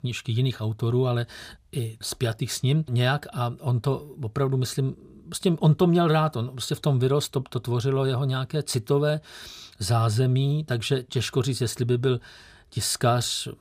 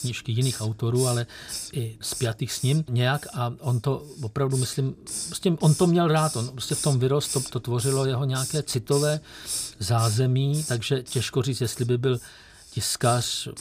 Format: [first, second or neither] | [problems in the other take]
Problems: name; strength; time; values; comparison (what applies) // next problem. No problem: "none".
first | hiss; loud; throughout; 8 dB below the speech